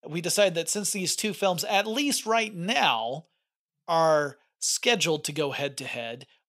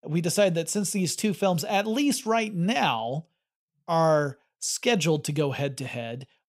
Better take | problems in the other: second | thin; very slightly; fading below 1 kHz

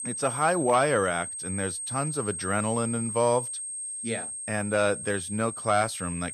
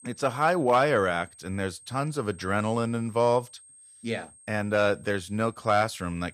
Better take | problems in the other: second | high-pitched whine; loud; throughout; 8.5 kHz, 5 dB below the speech; faint in the second

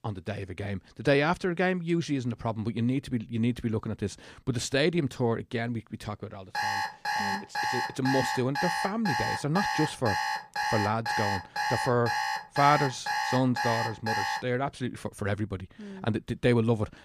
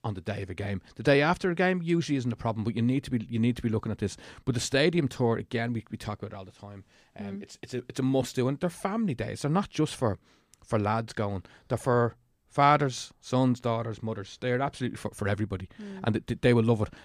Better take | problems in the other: second | alarm; loud; from 6.5 to 14 s; peak level with the speech

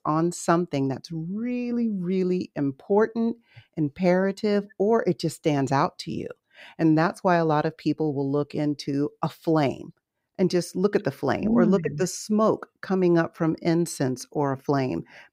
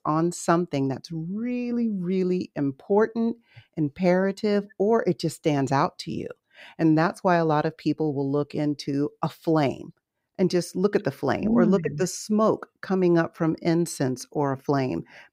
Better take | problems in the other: neither | none

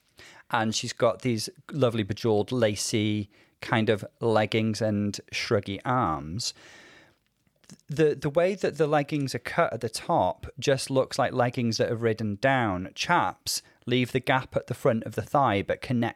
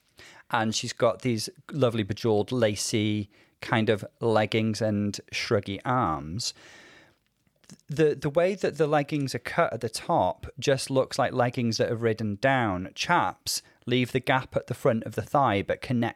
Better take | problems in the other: neither | none

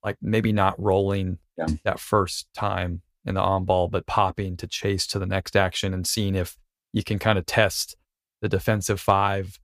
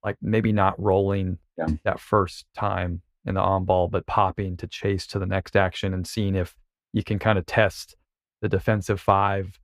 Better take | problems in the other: first | muffled; slightly; fading above 3.5 kHz

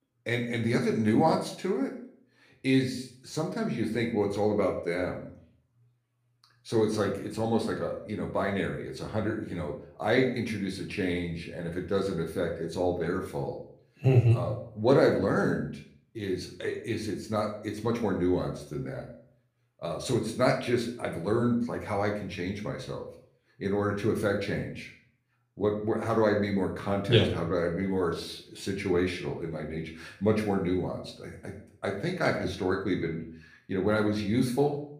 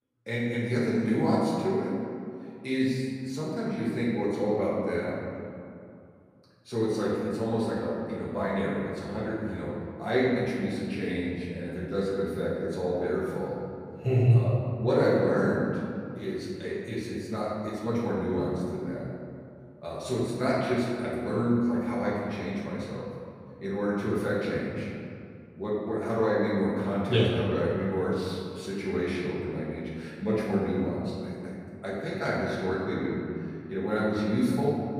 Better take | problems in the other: first | room echo; strong; dies away in 2.3 s; slight in the first // off-mic speech; far; somewhat distant in the first

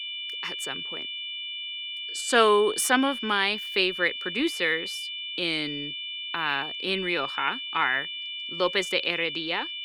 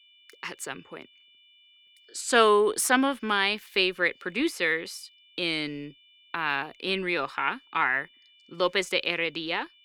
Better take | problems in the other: second | high-pitched whine; loud; throughout; 3 kHz, 6 dB below the speech; faint in the second

